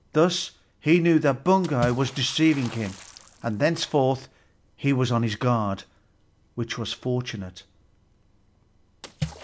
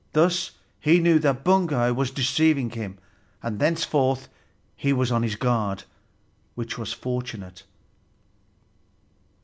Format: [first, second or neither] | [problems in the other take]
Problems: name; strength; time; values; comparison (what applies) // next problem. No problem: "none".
second | background sound (Water / Splash, splatter); 17 dB below the speech